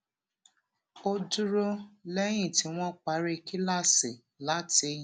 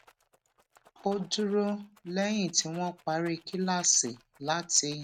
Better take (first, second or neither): first